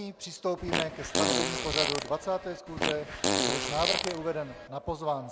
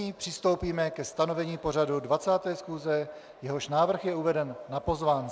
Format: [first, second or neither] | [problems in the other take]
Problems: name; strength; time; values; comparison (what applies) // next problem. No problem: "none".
second | background sound (Fart); 2 dB above the speech